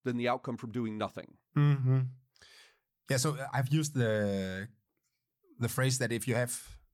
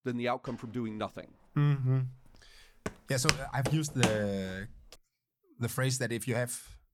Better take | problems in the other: first | footsteps; loud; from 3 to 4 s; peak 2 dB above the speech

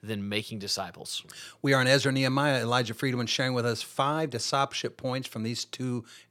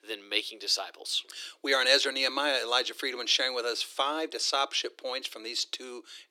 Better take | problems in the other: first | thin; very; fading below 300 Hz

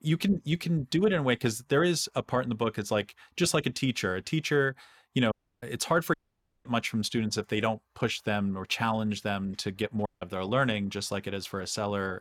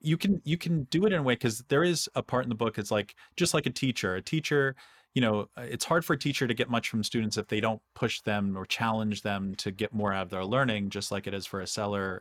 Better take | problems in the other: second | audio cutting out; at 5.5 s, at 6 s for 0.5 s and at 10 s

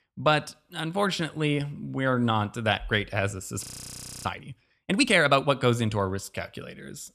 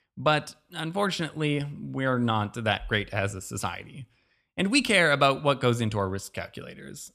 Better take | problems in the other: second | audio freezing; at 3.5 s for 0.5 s

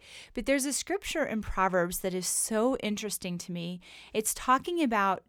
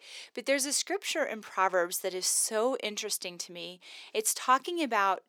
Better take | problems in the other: first | thin; somewhat; fading below 350 Hz

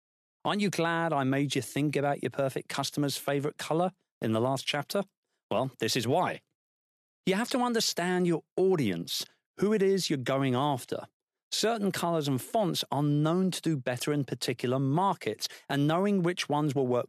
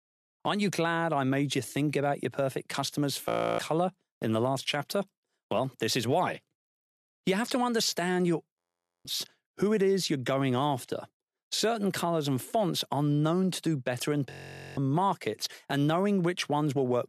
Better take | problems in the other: first | audio freezing; at 3.5 s, at 8.5 s and at 14 s

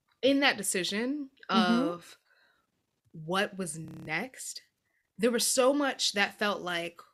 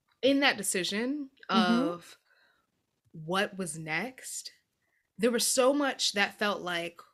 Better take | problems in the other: second | audio freezing; at 4 s

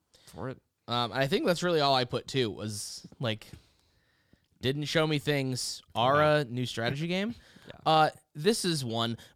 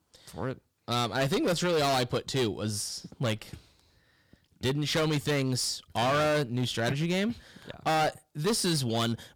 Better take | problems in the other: first | distortion; heavy; 12% of the sound clipped

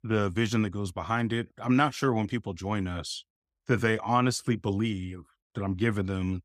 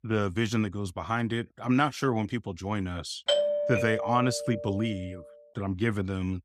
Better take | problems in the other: first | doorbell; loud; from 3.5 to 5 s; peak 4 dB above the speech

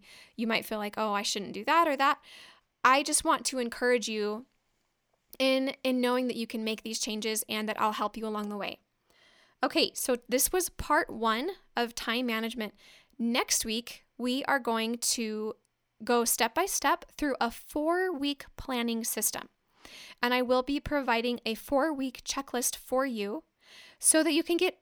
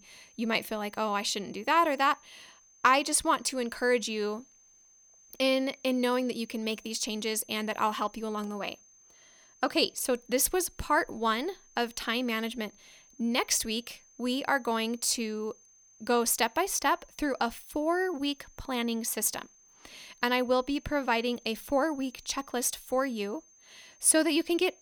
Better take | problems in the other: first | high-pitched whine; faint; throughout; 6.5 kHz, 25 dB below the speech

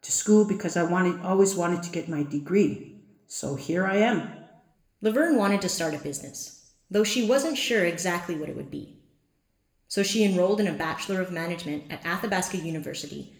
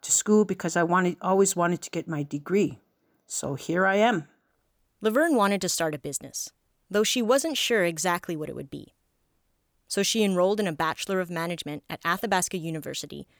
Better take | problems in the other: second | room echo; very slight; dies away in 0.7 s

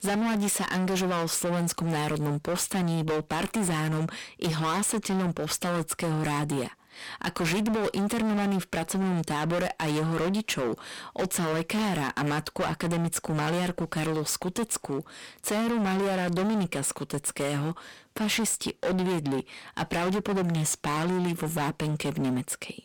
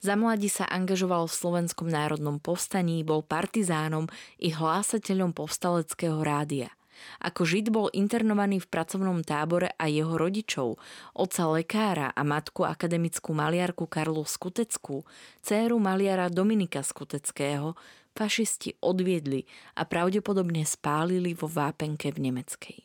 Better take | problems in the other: second | distortion; heavy; 31% of the sound clipped

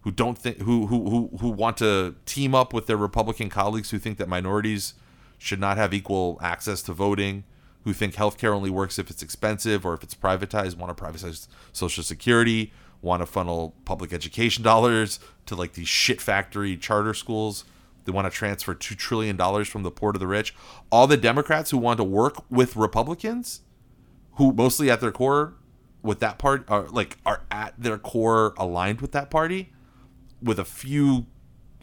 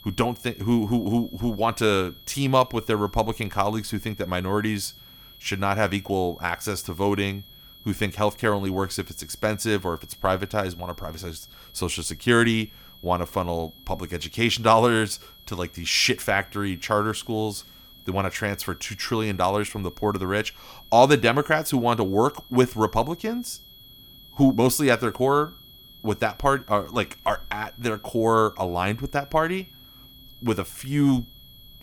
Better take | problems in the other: first | high-pitched whine; faint; throughout; 3.5 kHz, 20 dB below the speech

